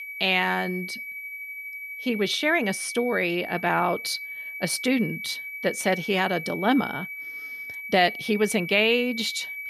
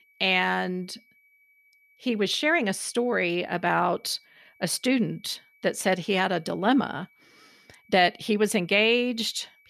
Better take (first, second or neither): second